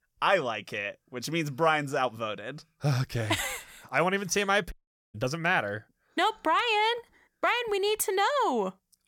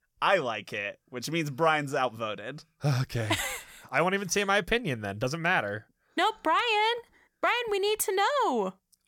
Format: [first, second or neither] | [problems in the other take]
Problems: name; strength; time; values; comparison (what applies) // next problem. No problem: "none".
second | audio cutting out; at 4.5 s